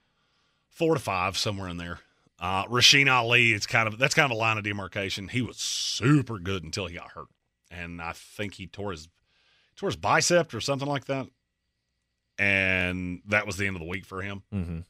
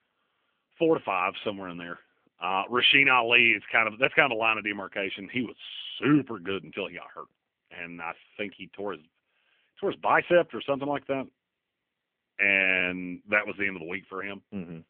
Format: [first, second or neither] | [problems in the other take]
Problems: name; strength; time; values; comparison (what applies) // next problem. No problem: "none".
first | phone-call audio; nothing above 3 kHz